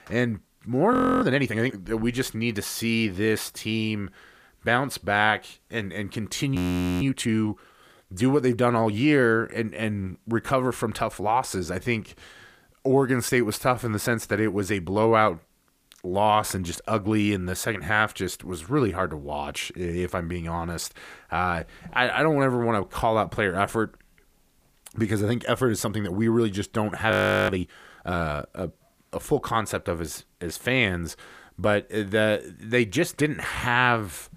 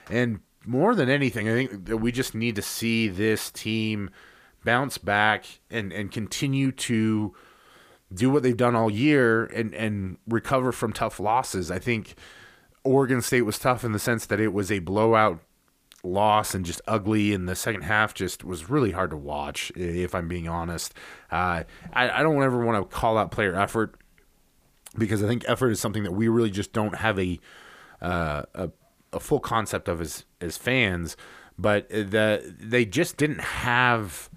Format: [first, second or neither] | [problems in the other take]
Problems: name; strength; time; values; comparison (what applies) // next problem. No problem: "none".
second | audio freezing; at 1 s, at 6.5 s and at 27 s